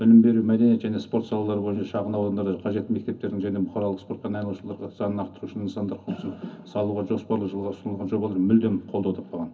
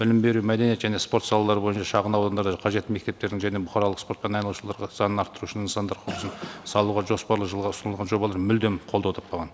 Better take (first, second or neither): second